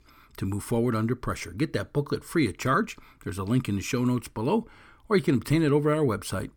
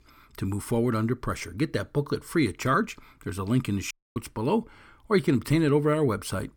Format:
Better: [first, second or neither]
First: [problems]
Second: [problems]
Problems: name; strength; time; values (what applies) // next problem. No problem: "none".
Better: first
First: none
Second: audio cutting out; at 4 s